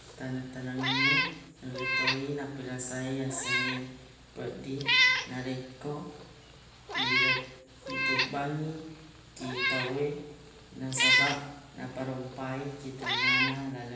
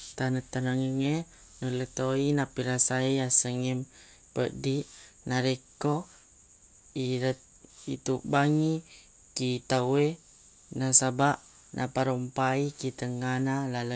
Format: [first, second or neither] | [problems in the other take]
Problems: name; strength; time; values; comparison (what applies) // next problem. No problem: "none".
second | background sound (Meow); 5 dB above the speech // room echo; dies away in 0.9 s